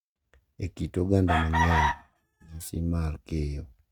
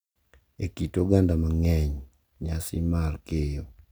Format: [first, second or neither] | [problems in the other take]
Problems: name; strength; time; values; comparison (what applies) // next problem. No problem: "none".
second | noise reduction (neural mask model RNNoise)